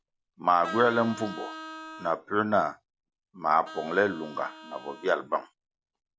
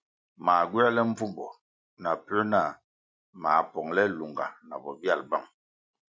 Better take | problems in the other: second | background sound (Vehicle horn, car horn, honking); 16 dB below the speech

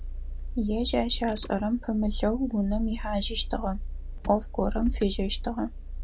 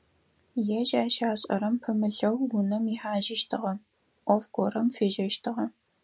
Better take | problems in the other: second | background sound (Engine / Car); 4 dB below the speech

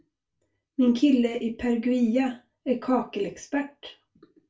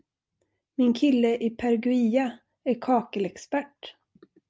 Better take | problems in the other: second | room echo; dies away in 0.2 s

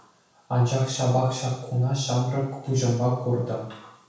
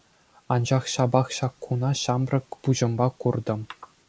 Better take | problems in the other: second | room echo; dies away in 0.6 s

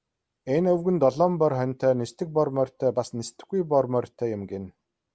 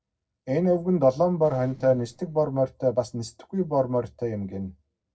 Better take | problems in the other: first | noise reduction (neural separator model SepFormer DNS4)

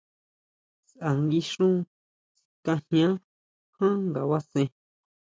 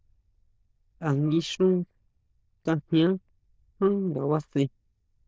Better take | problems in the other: first | noise reduction (neural diffusion model UNIVERSE++)

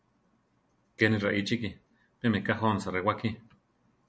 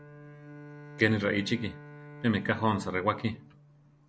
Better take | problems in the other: first | background sound (Bowed string instrument); 16 dB below the speech

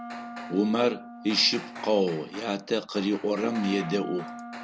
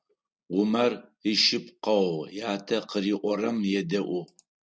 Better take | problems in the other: second | background sound (Wind instrument, woodwind instrument + Hammer); 12 dB below the speech

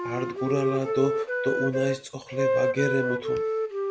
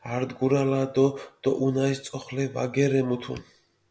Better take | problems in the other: second | background sound (Wind instrument, woodwind instrument); 1 dB above the speech

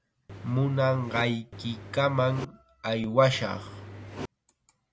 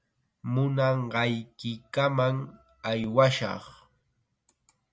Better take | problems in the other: second | background sound (Engine); 13 dB below the speech

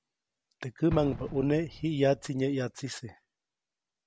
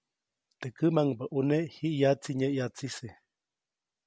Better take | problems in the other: second | background sound (Explosion); 15 dB below the speech

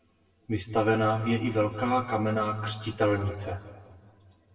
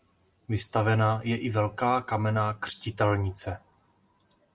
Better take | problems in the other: second | room echo; dies away in 1.6 s

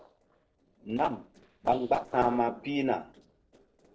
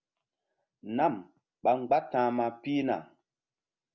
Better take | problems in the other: second | noise reduction (neural separator model SepFormer DNS4)

